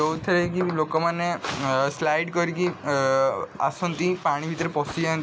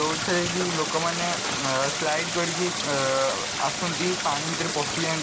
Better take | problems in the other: first | background sound (Stream); 1 dB below the speech

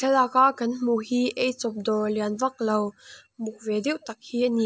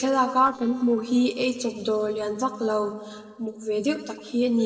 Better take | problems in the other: first | noise reduction (neural separator model SepFormer DNS4)

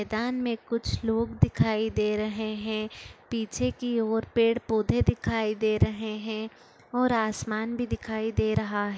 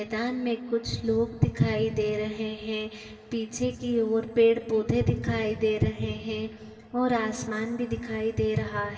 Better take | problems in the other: first | room echo; dies away in 2.4 s

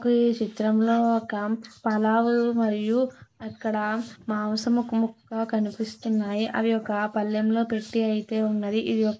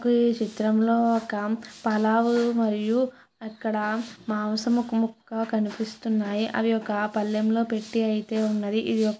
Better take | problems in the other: second | noise reduction (neural mask model Resemble Enhance denoiser)

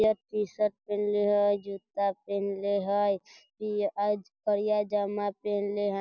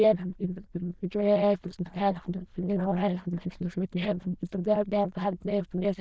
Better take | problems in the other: first | noise reduction (neural diffusion model UNIVERSE++)

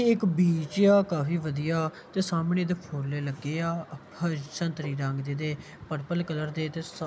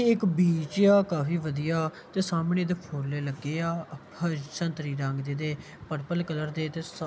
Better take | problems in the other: second | background sound (Tap); 20 dB below the speech

